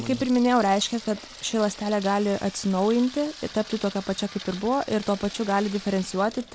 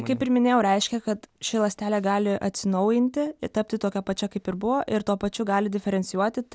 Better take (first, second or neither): second